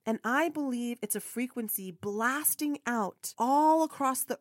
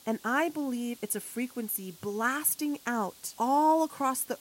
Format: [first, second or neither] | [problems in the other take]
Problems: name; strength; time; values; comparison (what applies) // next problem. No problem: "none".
first | hiss; faint; throughout; 20 dB below the speech